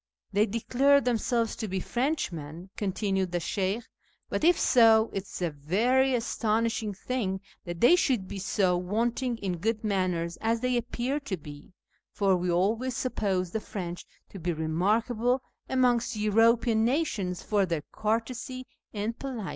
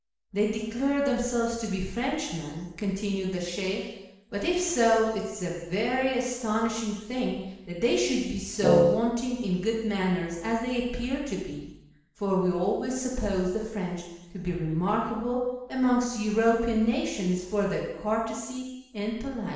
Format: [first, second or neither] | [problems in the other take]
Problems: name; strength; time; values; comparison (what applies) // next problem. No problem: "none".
first | background sound (Wind instrument, woodwind instrument); 5 dB above the speech // room echo; dies away in 1 s